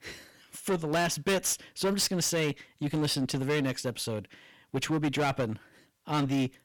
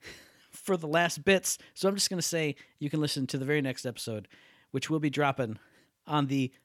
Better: second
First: distortion; heavy; 12% of the sound clipped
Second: none

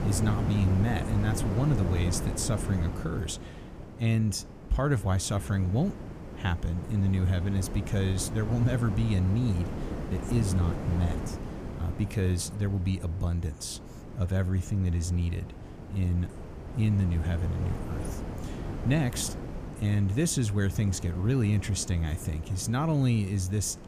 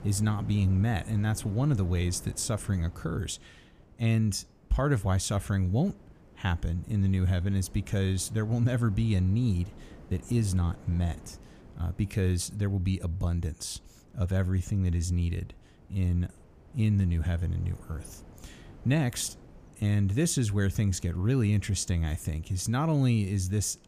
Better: second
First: wind noise on the microphone; heavy; 7 dB below the speech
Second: wind noise on the microphone; occasional gusts; 20 dB below the speech

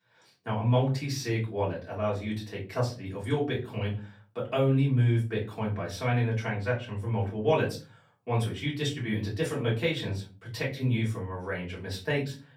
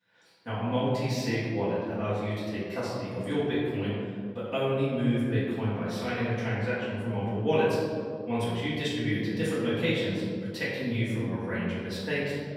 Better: first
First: room echo; slight; dies away in 0.3 s // off-mic speech; far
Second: room echo; strong; dies away in 2 s // off-mic speech; far

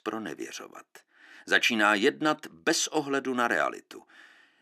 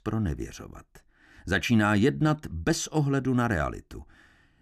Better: second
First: thin; somewhat; fading below 350 Hz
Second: none

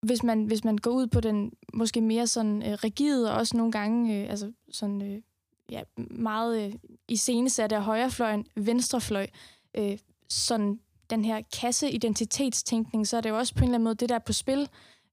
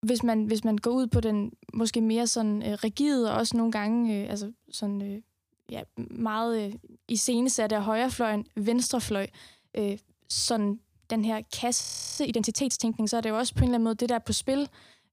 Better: first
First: none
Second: audio freezing; at 12 s

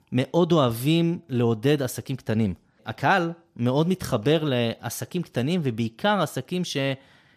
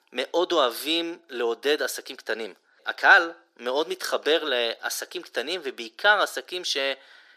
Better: first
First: none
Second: thin; very; fading below 350 Hz

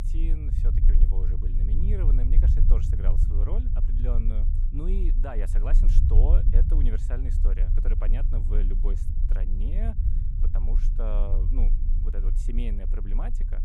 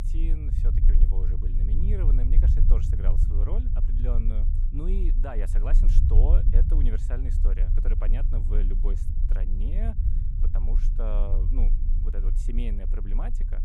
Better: neither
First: low rumble; loud; throughout; 4 dB below the speech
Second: low rumble; loud; throughout; 4 dB below the speech

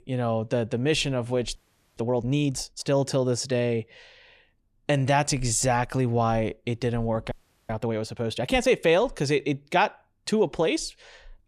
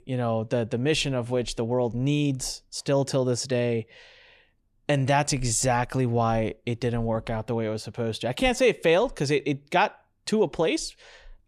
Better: second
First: audio freezing; at 1.5 s and at 7.5 s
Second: none

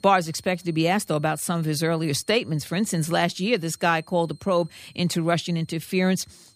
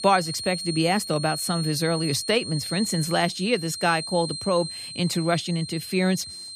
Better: first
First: high-pitched whine; faint; throughout; 4 kHz, 30 dB below the speech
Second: high-pitched whine; loud; throughout; 4 kHz, 7 dB below the speech

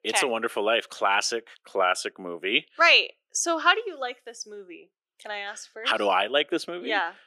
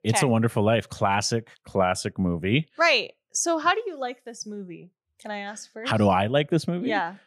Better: second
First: thin; very; fading below 350 Hz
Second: none

